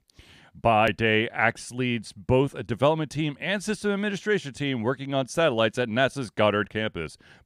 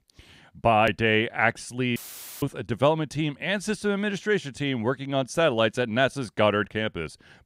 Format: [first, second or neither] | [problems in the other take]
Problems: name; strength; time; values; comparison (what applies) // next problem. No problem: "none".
first | audio cutting out; filled with static; at 2 s